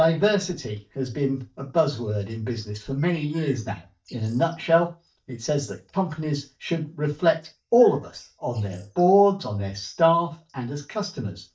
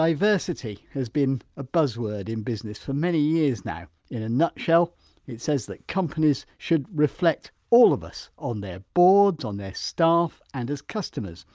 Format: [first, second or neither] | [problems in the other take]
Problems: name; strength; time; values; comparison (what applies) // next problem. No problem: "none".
second | noise reduction (neural mask model DeepFilterNet 3)